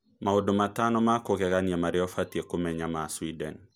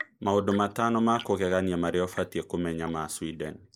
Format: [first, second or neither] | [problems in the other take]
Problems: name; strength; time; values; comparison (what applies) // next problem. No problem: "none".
first | noise reduction (neural mask model Resemble Enhance denoiser)